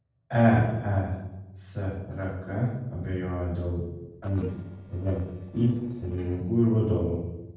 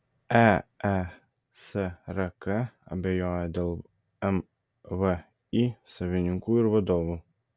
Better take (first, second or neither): second